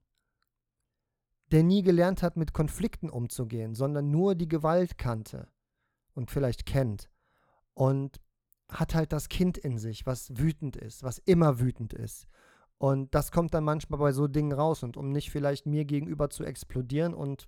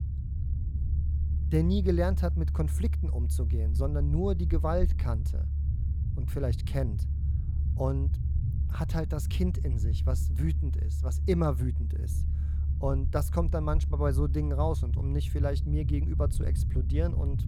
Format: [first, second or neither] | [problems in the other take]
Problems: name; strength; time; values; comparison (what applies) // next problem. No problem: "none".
first | low rumble; noticeable; throughout; 10 dB below the speech